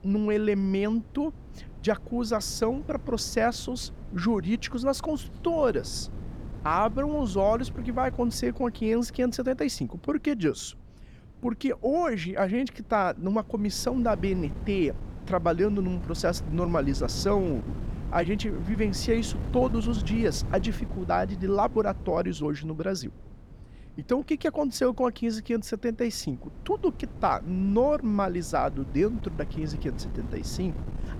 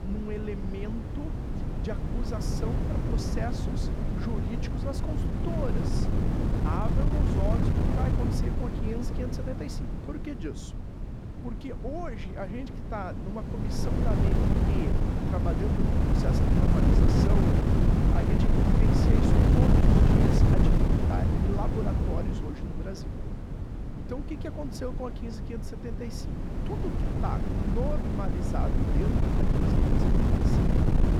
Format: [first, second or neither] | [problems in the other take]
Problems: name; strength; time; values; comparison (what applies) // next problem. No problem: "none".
first | wind noise on the microphone; heavy; 4 dB above the speech; occasional gusts in the first